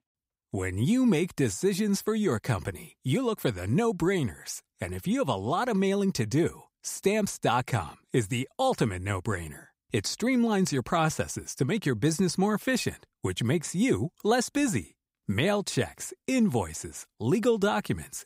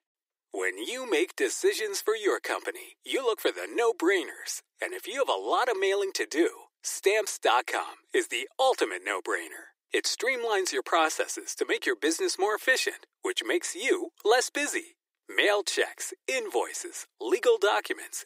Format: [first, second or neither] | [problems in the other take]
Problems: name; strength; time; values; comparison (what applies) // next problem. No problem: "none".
first | thin; very; fading below 350 Hz